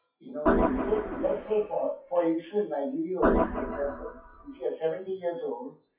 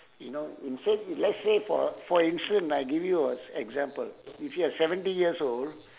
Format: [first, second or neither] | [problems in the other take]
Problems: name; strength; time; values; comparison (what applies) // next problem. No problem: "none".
second | noise reduction (classical method WPE with log-MMSE)